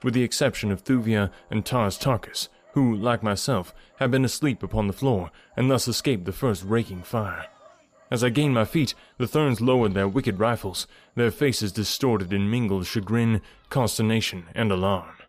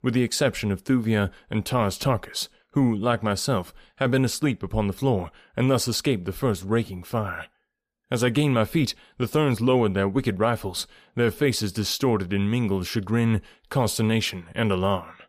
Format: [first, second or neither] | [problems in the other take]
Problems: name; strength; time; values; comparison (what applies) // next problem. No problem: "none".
second | animal sounds; faint; throughout; 30 dB below the speech